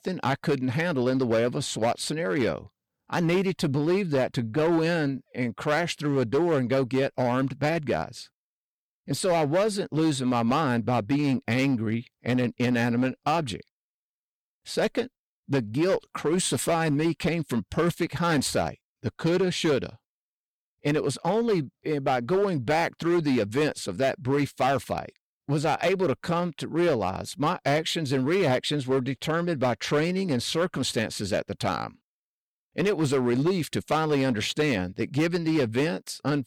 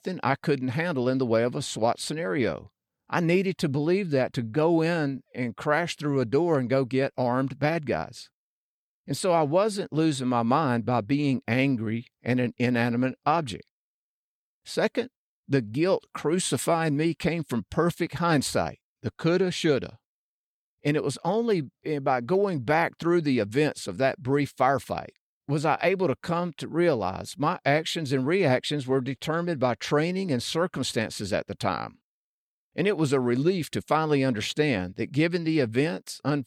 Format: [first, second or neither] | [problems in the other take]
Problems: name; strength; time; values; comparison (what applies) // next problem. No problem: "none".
second | distortion; slight; 8% of the sound clipped